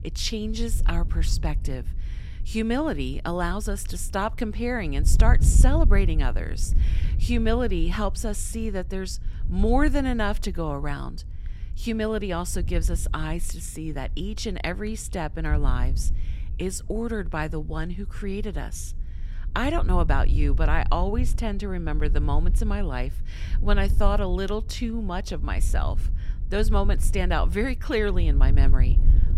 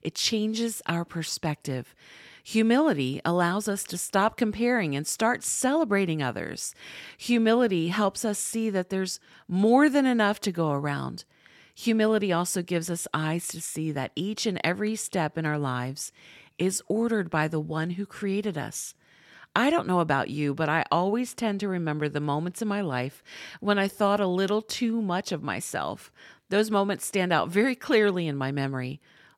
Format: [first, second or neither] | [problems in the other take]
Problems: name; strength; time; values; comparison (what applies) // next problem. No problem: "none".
second | wind noise on the microphone; occasional gusts; 15 dB below the speech